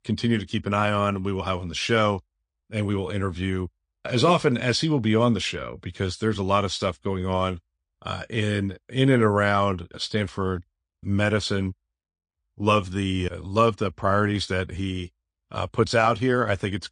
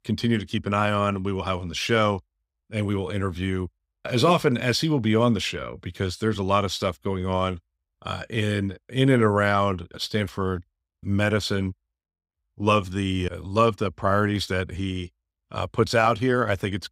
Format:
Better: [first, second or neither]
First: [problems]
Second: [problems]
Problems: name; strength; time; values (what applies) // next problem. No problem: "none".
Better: second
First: garbled, watery; slightly; nothing above 9 kHz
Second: none